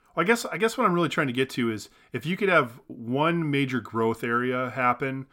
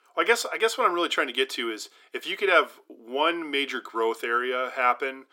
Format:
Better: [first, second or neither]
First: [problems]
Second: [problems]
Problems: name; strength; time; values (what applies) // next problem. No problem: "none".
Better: first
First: none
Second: thin; somewhat; fading below 350 Hz